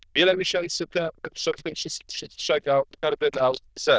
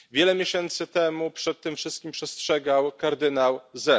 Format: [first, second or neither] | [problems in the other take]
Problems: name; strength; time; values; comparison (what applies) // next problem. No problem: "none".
second | noise reduction (neural diffusion model UNIVERSE++)